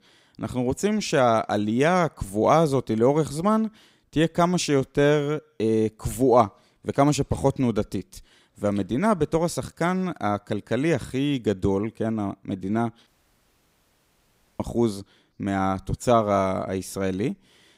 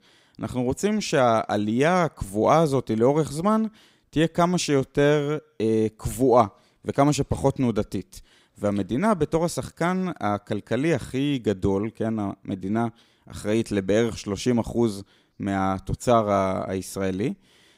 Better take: second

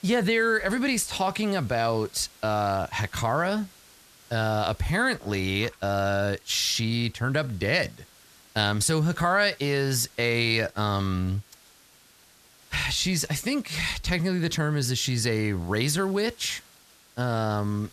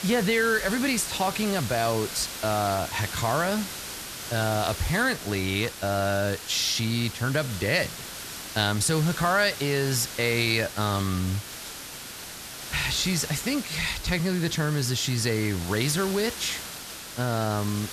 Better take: first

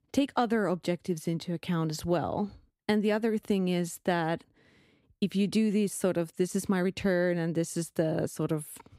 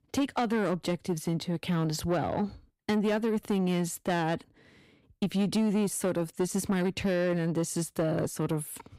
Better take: first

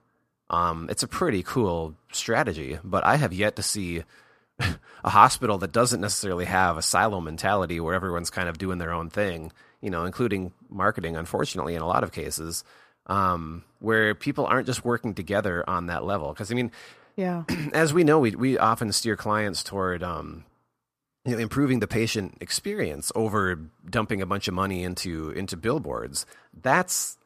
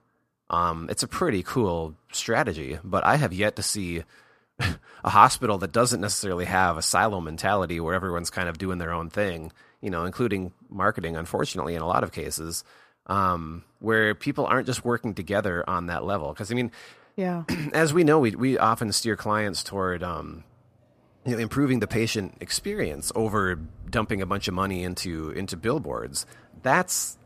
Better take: first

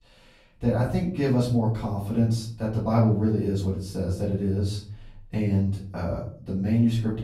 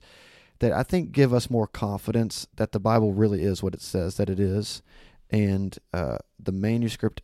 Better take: second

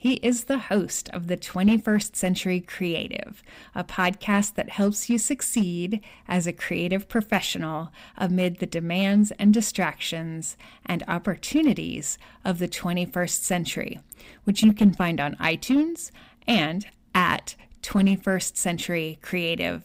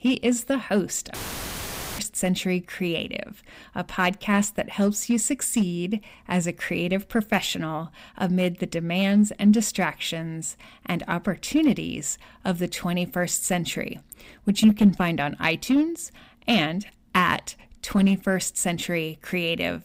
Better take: first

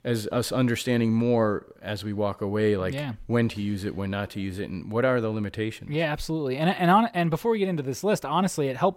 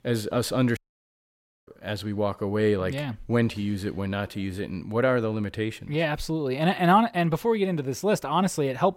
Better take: first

